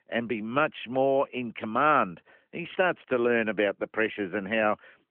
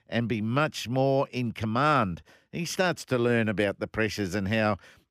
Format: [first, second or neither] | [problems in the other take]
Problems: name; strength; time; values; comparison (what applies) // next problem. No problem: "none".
second | phone-call audio